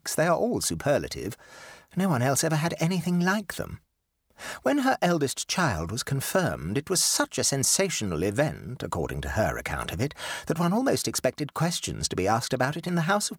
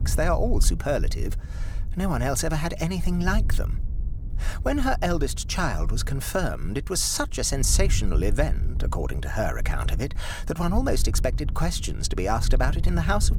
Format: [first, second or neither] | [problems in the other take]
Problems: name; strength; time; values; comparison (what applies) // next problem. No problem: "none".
first | low rumble; noticeable; throughout; 20 dB below the speech